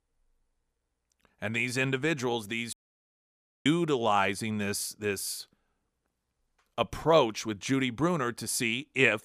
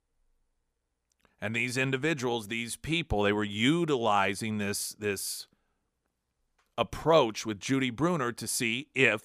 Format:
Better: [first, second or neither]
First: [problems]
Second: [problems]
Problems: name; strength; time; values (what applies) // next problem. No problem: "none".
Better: second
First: audio cutting out; at 2.5 s for 1 s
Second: none